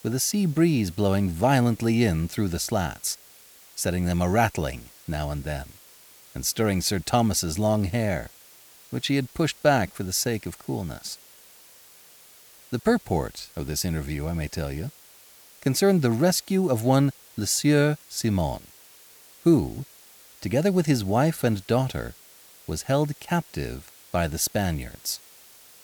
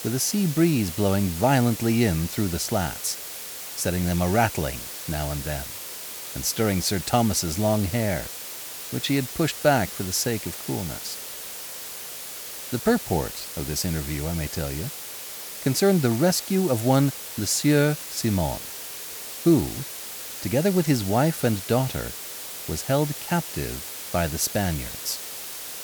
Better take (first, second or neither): first